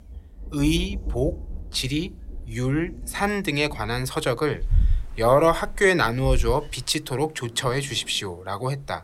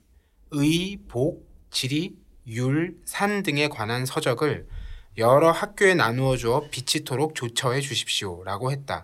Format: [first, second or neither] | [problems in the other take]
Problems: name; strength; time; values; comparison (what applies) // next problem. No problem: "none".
second | rain or running water; loud; throughout; 9 dB below the speech; faint in the second